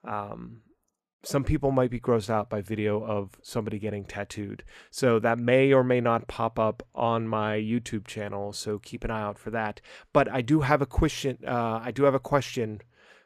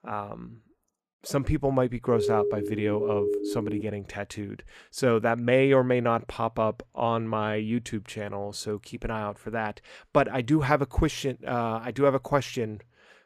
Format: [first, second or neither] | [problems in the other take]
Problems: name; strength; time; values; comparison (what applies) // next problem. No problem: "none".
first | siren; loud; from 2 to 4 s; peak 1 dB above the speech